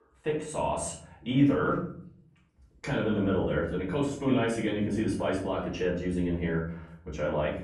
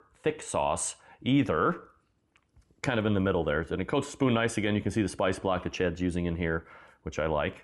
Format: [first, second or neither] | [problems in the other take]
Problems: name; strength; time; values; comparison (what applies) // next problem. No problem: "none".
second | off-mic speech; far // room echo; slight; dies away in 0.7 s